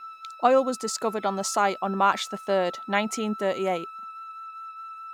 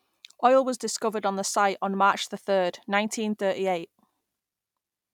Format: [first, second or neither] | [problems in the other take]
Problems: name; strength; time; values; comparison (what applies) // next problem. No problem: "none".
second | background sound (Wind instrument, woodwind instrument); 13 dB below the speech